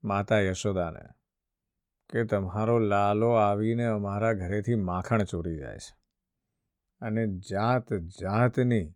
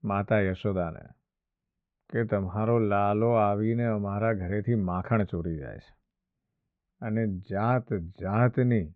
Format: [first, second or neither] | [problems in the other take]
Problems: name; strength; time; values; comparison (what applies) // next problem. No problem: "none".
first | muffled; very; fading above 3 kHz